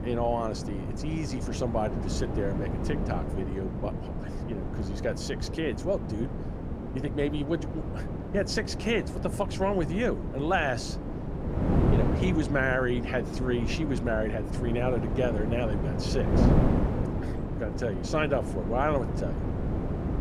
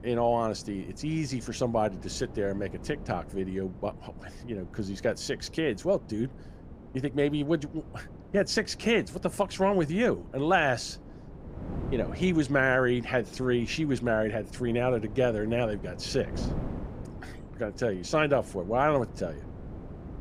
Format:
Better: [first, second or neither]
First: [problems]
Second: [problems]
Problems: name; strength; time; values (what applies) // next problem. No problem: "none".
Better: second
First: wind noise on the microphone; heavy; 6 dB below the speech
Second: wind noise on the microphone; occasional gusts; 20 dB below the speech